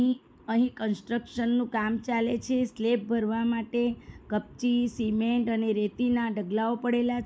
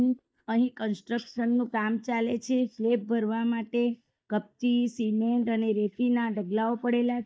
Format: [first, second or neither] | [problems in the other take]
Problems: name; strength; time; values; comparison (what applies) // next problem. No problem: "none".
first | noise reduction (neural mask model DeepFilterNet 3)